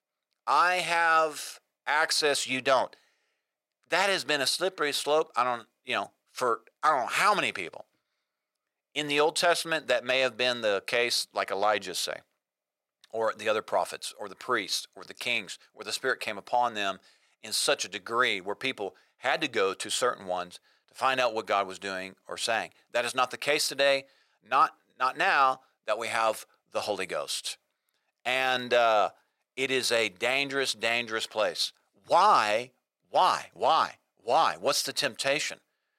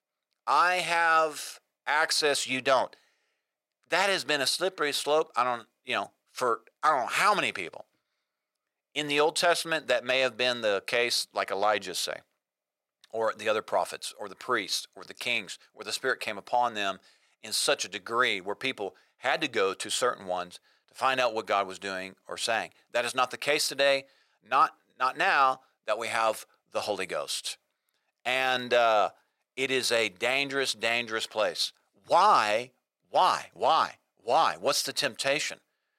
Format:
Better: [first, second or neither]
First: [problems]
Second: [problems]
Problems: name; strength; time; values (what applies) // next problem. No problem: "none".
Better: neither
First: thin; very; fading below 450 Hz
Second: thin; very; fading below 450 Hz